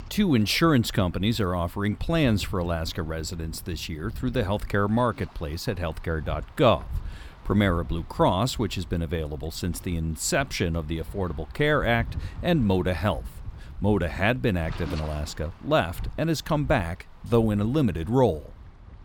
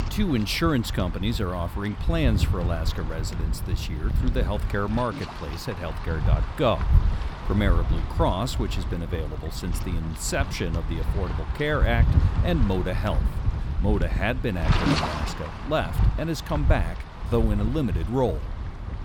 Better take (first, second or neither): first